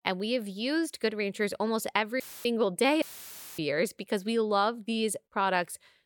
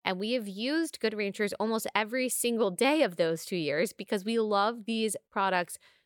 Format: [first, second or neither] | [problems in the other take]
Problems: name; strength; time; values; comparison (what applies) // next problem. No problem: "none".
second | audio cutting out; filled with static; at 2 s and at 3 s for 0.5 s